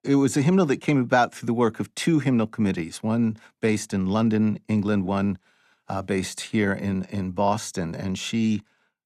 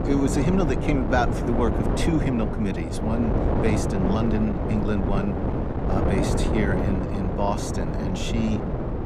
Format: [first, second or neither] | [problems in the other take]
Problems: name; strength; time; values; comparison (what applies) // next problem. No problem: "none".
first | wind noise on the microphone; heavy; 1 dB below the speech